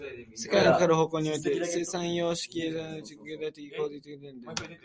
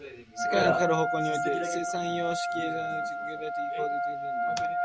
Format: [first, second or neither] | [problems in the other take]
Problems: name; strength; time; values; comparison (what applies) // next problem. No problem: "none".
first | background sound (Wind instrument, woodwind instrument); 2 dB above the speech